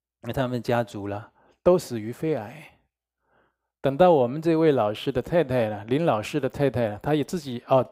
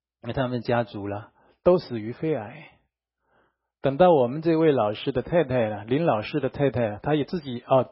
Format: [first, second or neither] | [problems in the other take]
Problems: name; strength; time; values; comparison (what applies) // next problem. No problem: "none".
first | garbled, watery; badly; nothing above 5.5 kHz